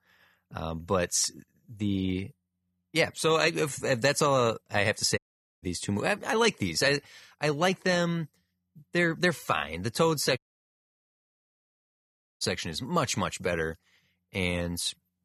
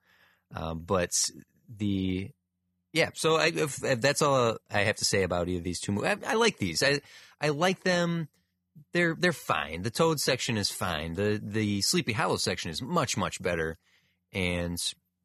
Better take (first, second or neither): second